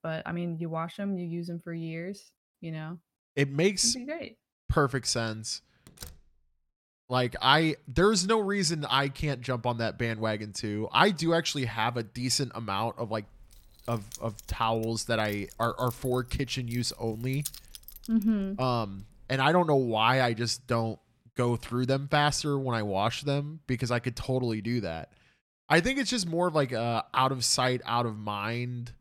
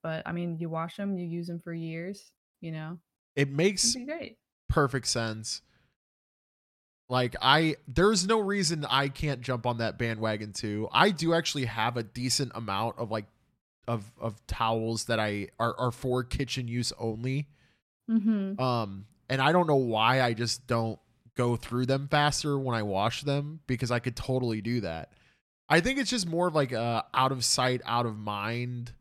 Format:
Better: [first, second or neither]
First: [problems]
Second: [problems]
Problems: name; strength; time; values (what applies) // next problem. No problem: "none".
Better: second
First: door banging; faint; at 6 s; peak 20 dB below the speech // jangling keys; noticeable; from 13 to 19 s; peak 10 dB below the speech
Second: none